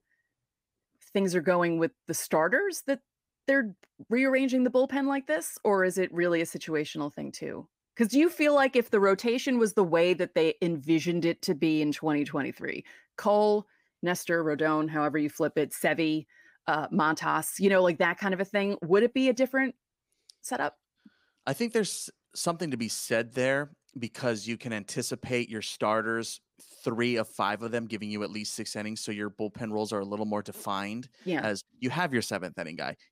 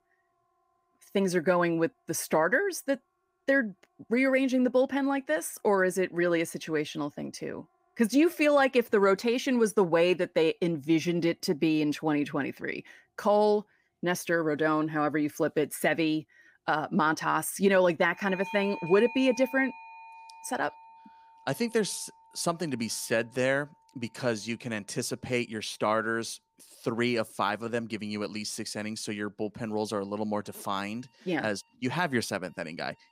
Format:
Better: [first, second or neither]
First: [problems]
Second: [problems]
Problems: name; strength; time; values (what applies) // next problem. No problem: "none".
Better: first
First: none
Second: alarms or sirens; noticeable; throughout; 15 dB below the speech